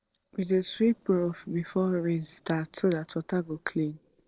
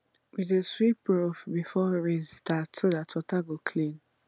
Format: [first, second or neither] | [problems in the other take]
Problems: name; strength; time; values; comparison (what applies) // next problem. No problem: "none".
second | noise reduction (neural separator model SepFormer DNS4)